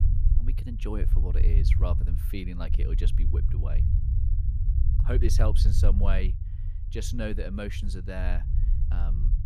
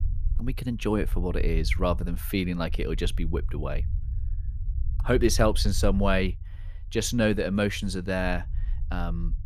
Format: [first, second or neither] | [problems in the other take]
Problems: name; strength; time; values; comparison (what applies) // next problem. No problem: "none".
second | low rumble; loud; throughout; 7 dB below the speech; faint in the second